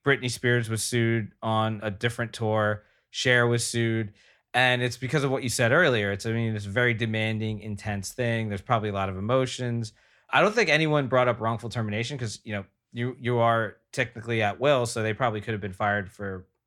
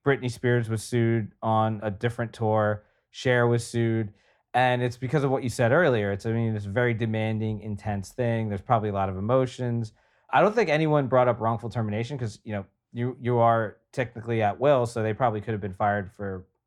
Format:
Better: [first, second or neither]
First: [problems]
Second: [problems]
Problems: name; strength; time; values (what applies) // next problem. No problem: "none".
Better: first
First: none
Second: muffled; slightly; fading above 1.5 kHz